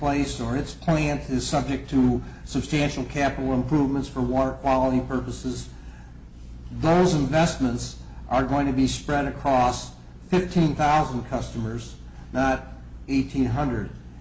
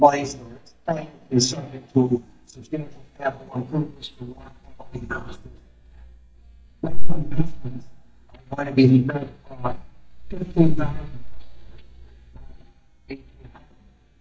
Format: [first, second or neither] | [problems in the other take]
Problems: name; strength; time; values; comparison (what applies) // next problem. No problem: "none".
first | noise reduction (neural mask model DeepFilterNet 3)